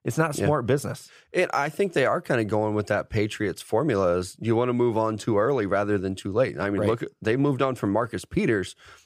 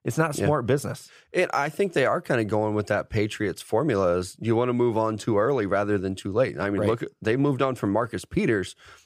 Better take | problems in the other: neither | none

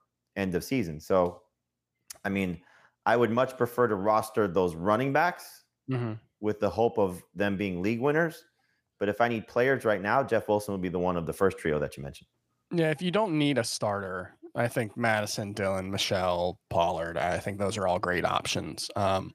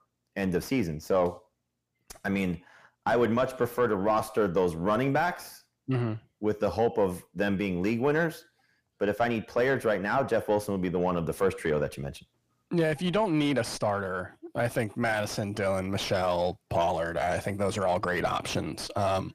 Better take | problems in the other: first | distortion; slight; 10 dB below the speech

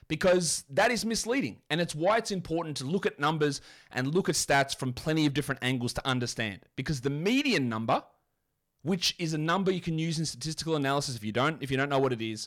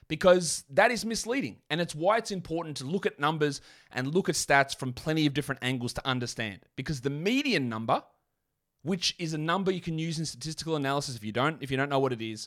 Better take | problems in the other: second | distortion; slight; 10 dB below the speech

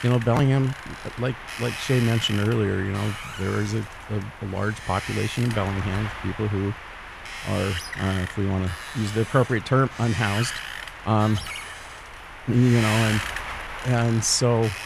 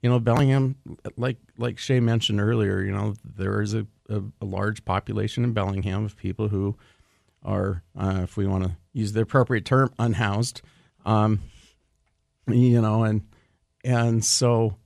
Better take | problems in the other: second | wind noise on the microphone; heavy; 4 dB below the speech

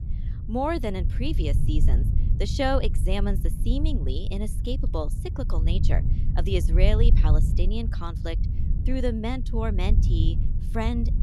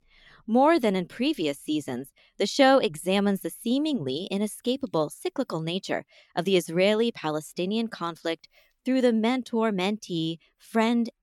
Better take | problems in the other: second | low rumble; noticeable; throughout; 10 dB below the speech

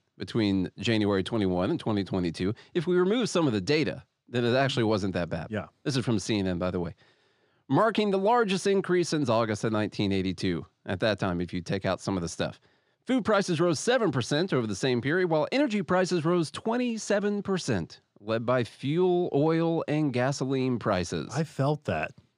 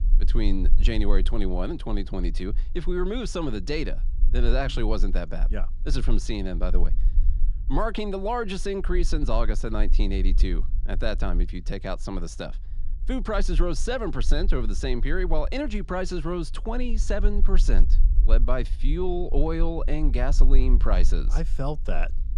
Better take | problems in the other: first | low rumble; faint; throughout; 20 dB below the speech

